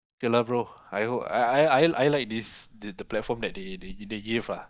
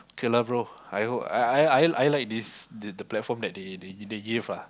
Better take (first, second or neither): second